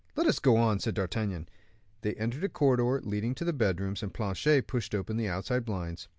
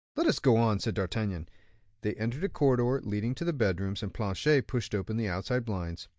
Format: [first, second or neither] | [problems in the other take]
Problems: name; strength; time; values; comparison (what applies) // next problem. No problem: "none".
first | noise reduction (neural mask model DeepFilterNet 3)